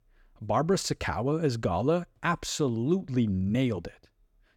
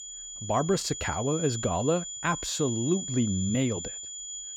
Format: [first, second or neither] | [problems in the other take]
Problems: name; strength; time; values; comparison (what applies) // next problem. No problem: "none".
first | high-pitched whine; loud; throughout; 7 kHz, 6 dB below the speech